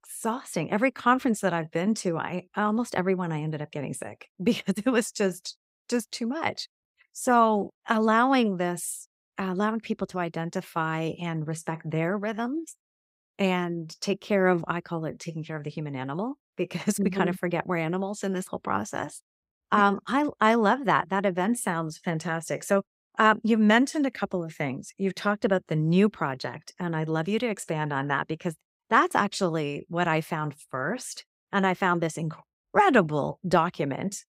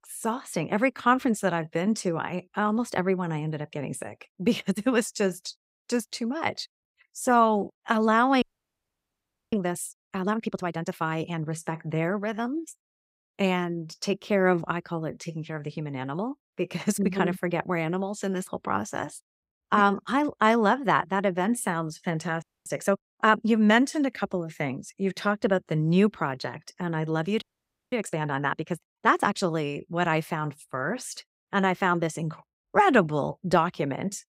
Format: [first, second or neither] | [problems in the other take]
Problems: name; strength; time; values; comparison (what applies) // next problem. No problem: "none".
first | audio freezing; at 8.5 s for 1 s, at 22 s and at 27 s for 0.5 s